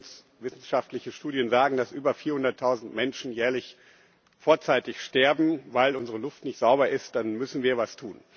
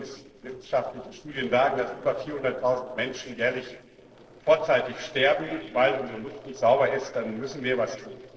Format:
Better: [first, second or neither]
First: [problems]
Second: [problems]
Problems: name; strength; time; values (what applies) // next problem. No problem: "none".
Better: first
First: none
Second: noise reduction (neural separator model SepFormer DNS4)